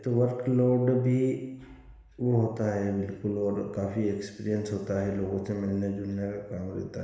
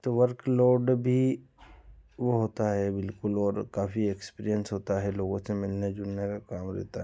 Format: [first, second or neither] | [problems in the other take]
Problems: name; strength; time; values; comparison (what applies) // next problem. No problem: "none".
second | room echo; dies away in 1.1 s